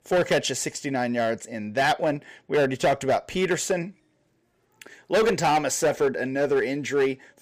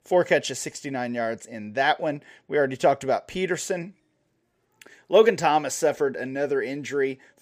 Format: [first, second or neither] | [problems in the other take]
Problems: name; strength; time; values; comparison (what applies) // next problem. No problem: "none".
second | distortion; heavy; 8% of the sound clipped